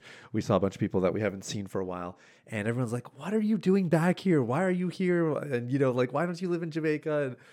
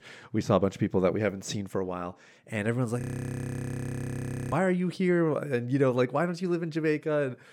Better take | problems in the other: first | audio freezing; at 3 s for 1.5 s

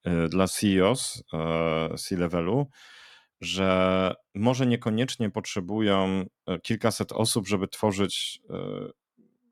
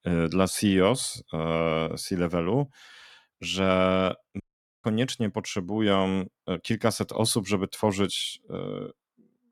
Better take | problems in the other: first | audio cutting out; at 4.5 s

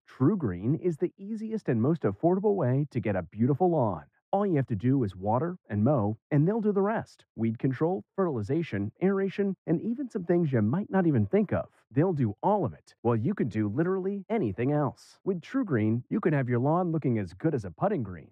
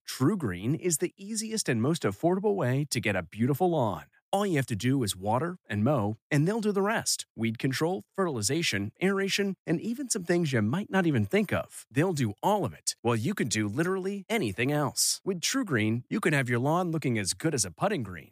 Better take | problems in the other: second | muffled; very; fading above 3 kHz

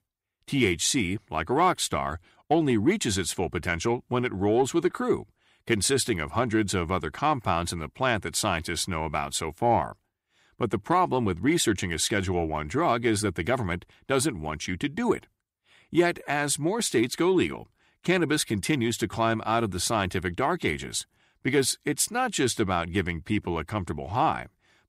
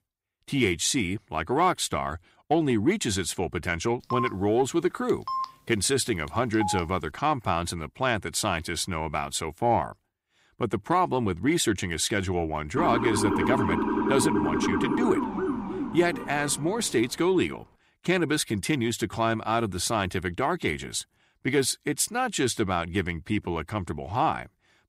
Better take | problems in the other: first | phone ringing; noticeable; from 4 to 7 s; peak 5 dB below the speech // siren; loud; from 13 to 17 s; peak 1 dB above the speech

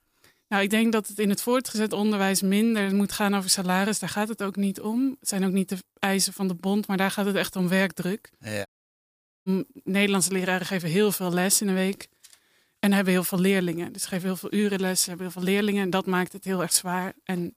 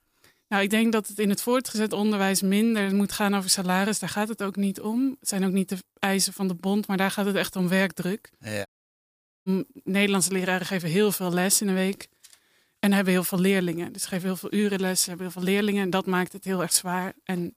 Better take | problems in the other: neither | audio cutting out; at 8.5 s for 1 s; the same in both

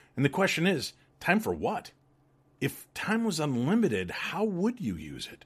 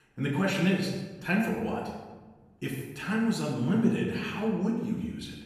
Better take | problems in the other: first | off-mic speech; far // room echo; noticeable; dies away in 1.1 s

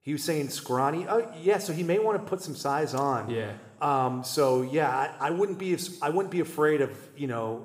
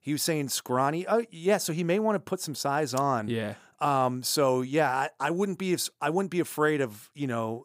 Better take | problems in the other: second | room echo; slight; dies away in 1.6 s

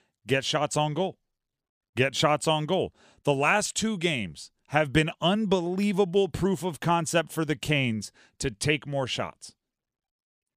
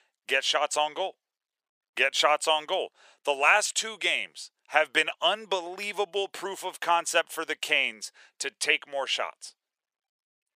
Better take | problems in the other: first | thin; very; fading below 550 Hz

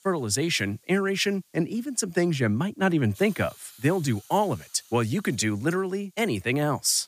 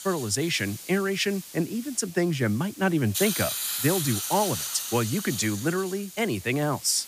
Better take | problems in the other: first | hiss; loud; throughout; 5 dB below the speech; faint in the first

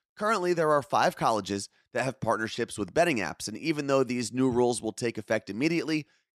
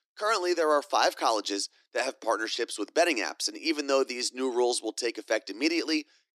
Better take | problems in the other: first | thin; somewhat; fading below 300 Hz

